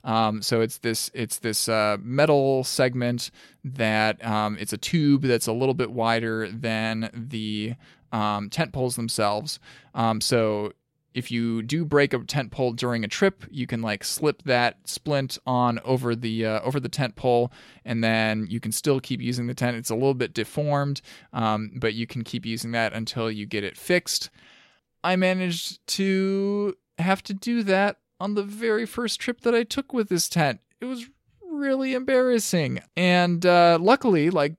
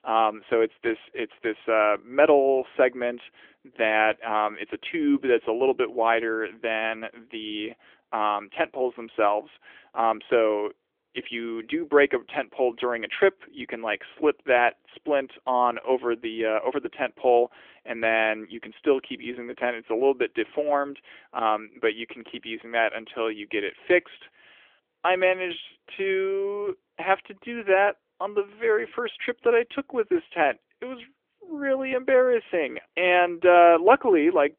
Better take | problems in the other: first | phone-call audio; nothing above 3.5 kHz

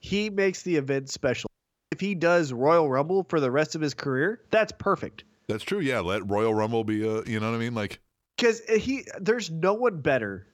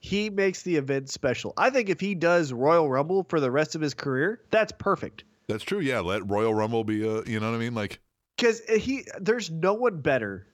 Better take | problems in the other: second | audio cutting out; at 1.5 s

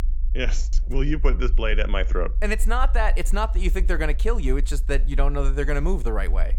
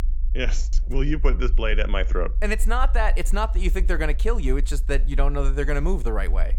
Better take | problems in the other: neither | low rumble; faint; throughout; 20 dB below the speech; the same in both

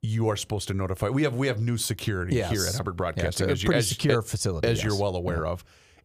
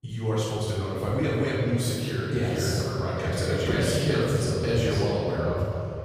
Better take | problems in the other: first | off-mic speech; far // room echo; strong; dies away in 3 s

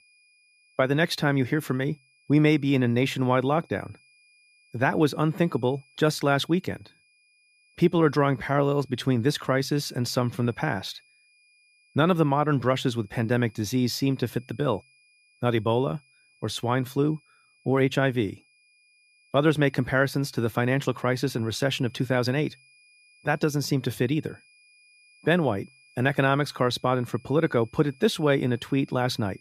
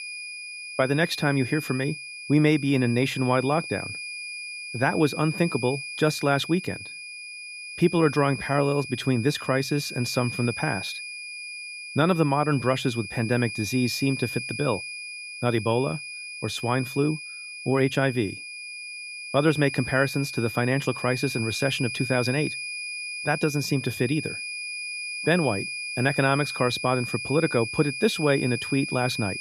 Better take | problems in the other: first | high-pitched whine; loud; throughout; 2.5 kHz, 8 dB below the speech; faint in the first

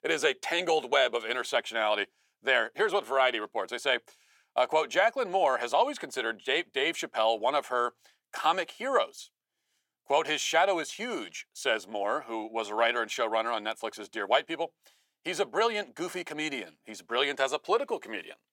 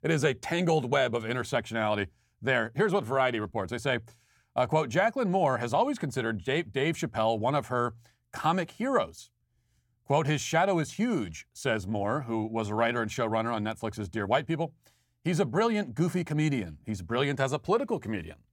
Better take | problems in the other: second | thin; very; fading below 400 Hz

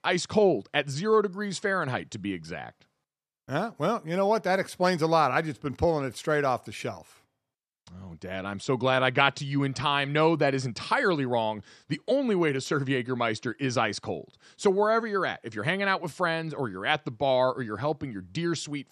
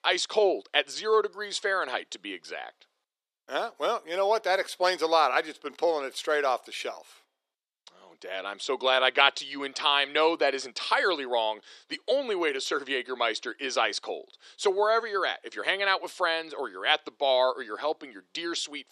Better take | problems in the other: first | thin; very; fading below 400 Hz

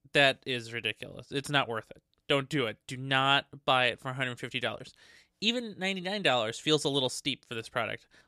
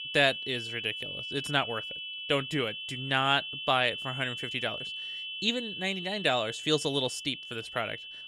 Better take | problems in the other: first | high-pitched whine; loud; throughout; 3 kHz, 6 dB below the speech

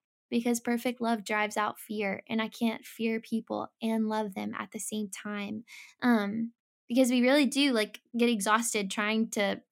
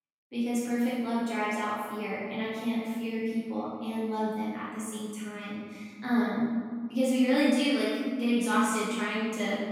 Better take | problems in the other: first | room echo; strong; dies away in 1.6 s // off-mic speech; far

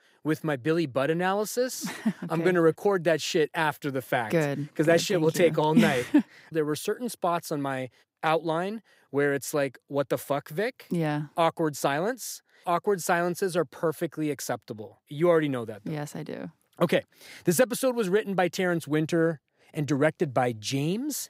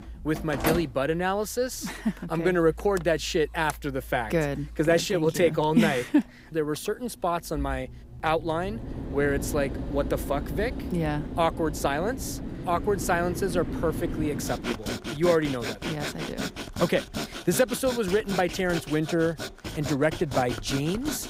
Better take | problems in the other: first | machinery noise; loud; throughout; 8 dB below the speech

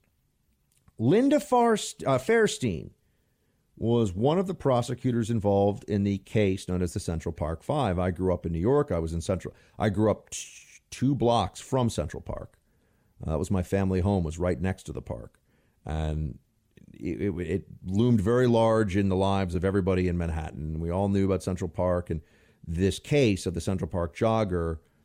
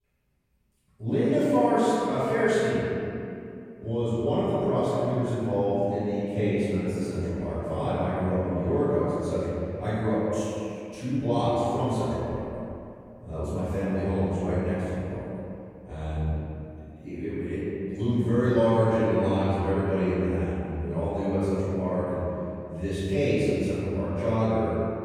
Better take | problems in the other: first | room echo; strong; dies away in 2.5 s // off-mic speech; far

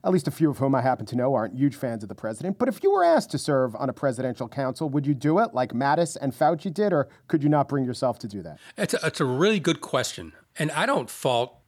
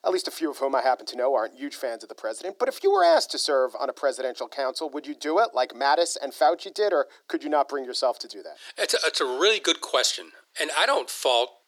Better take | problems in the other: first | thin; very; fading below 350 Hz

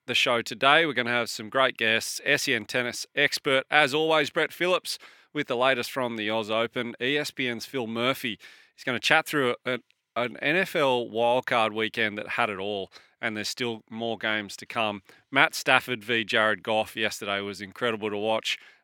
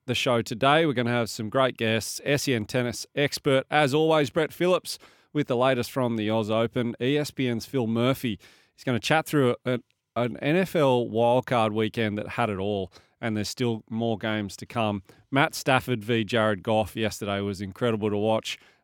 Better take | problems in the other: second | thin; very slightly; fading below 400 Hz

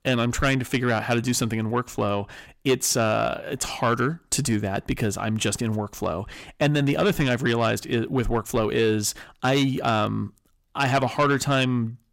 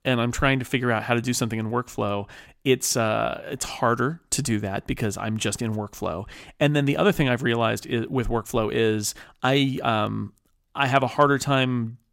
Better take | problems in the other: second | distortion; slight; 10 dB below the speech

